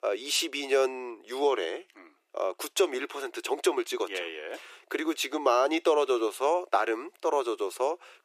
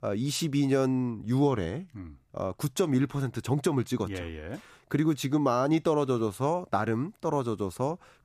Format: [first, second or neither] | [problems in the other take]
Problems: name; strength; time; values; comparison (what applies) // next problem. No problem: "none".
second | thin; very; fading below 350 Hz